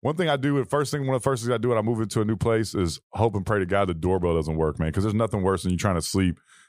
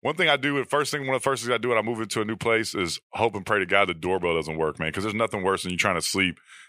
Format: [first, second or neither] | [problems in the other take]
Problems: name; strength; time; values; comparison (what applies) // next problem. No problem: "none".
first | thin; somewhat; fading below 850 Hz